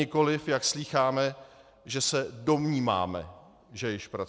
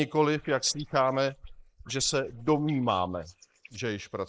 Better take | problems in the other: first | noise reduction (neural mask model Resemble Enhance denoiser)

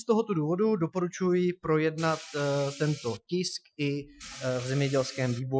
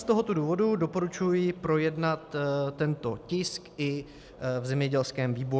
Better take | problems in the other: second | noise reduction (classical method Wiener filter)

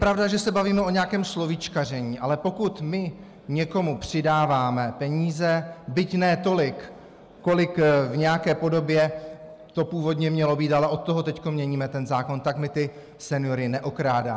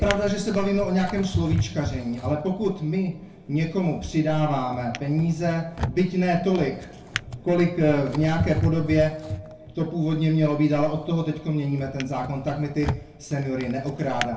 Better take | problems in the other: first | background sound (Drawer open or close); 10 dB below the speech // room echo; dies away in 0.3 s

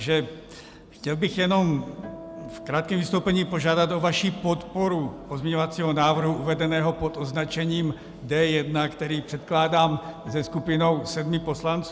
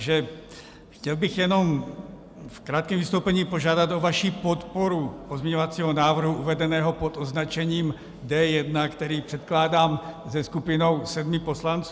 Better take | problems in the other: second | background sound (Acoustic guitar); 20 dB below the speech

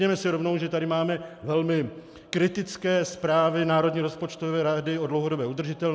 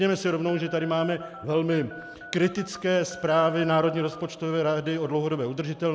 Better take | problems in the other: first | background sound (Telephone); 18 dB below the speech

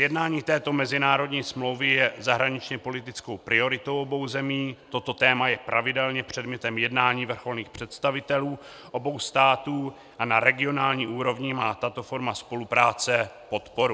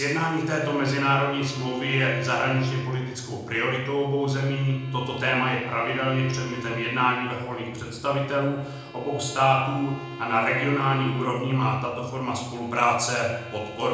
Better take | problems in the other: first | background sound (Bowed string instrument); 16 dB below the speech // room echo; dies away in 0.9 s

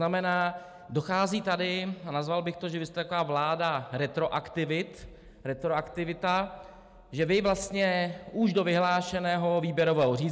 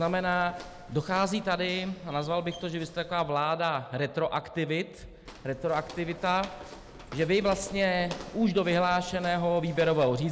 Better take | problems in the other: first | background sound (Walk, footsteps); 18 dB below the speech

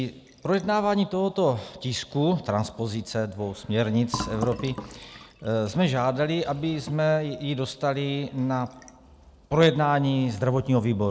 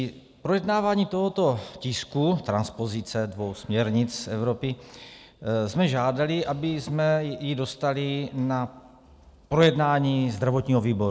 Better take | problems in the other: second | background sound (Fill (with liquid)); 18 dB below the speech

